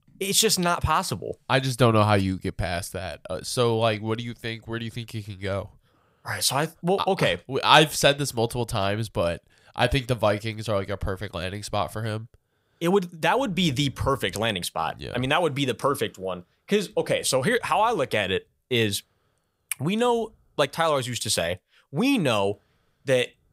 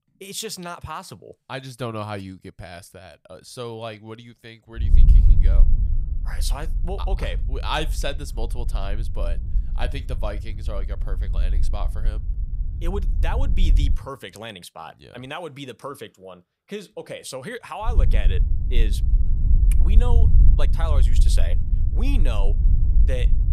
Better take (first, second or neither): first